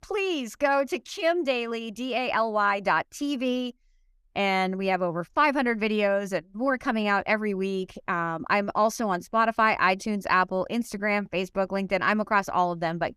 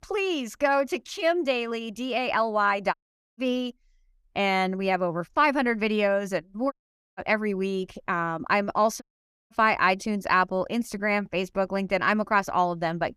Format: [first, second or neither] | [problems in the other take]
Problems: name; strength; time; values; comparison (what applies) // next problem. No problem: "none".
first | audio cutting out; at 3 s, at 6.5 s and at 9 s